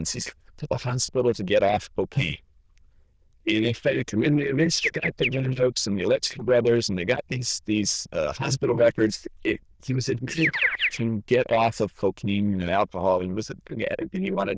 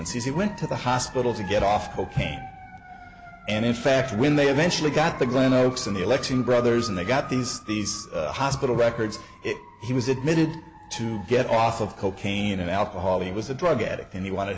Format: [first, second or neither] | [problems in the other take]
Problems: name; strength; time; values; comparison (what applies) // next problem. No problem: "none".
second | noise reduction (neural diffusion model UNIVERSE++)